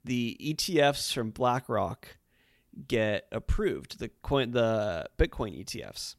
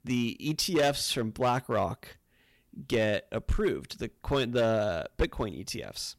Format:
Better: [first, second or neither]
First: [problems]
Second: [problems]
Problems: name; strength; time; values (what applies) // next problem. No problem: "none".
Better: first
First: none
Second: distortion; slight; 4% of the sound clipped